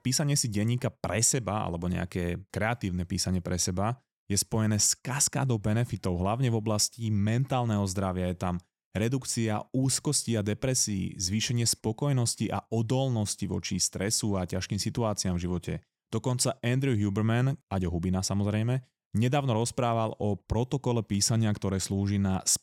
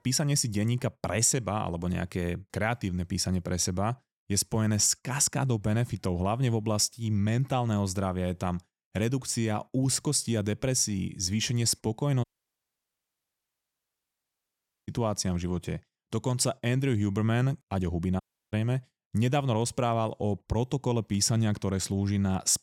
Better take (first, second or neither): first